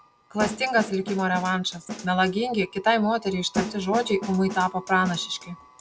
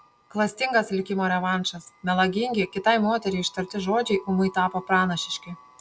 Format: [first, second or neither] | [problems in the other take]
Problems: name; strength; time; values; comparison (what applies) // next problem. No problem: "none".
second | background sound (Snare drum); 9 dB below the speech